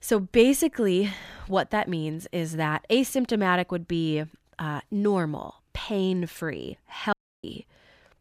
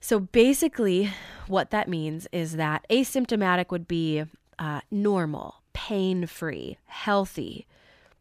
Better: second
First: audio cutting out; at 7 s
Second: none

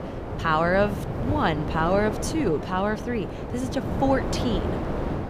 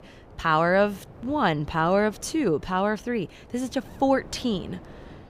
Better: second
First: wind noise on the microphone; heavy; 8 dB below the speech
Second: wind noise on the microphone; occasional gusts; 25 dB below the speech

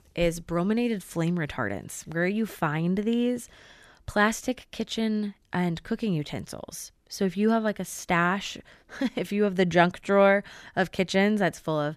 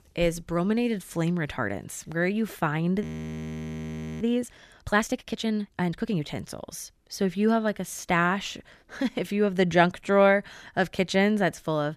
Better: first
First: none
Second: audio freezing; at 3 s for 1 s

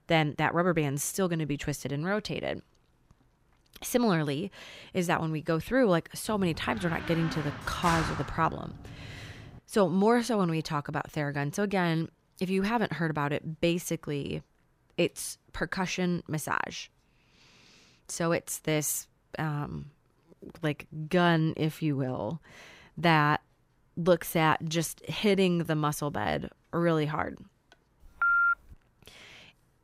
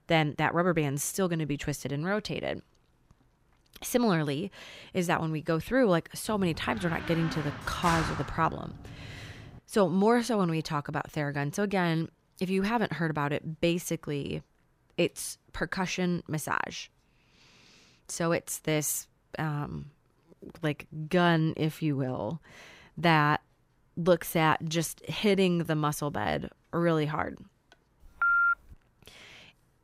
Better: neither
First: door banging; noticeable; from 6.5 to 9.5 s; peak 2 dB below the speech // phone ringing; loud; at 28 s; peak 6 dB above the speech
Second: door banging; noticeable; from 6.5 to 9.5 s; peak 2 dB below the speech // phone ringing; loud; at 28 s; peak 6 dB above the speech

